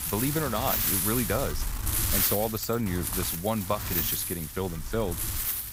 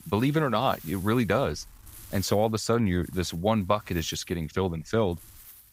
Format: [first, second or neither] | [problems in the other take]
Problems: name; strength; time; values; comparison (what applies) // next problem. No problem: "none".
second | wind noise on the microphone; heavy; 1 dB below the speech; occasional gusts in the second